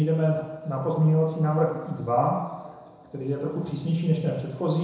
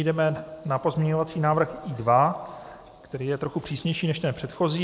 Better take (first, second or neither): second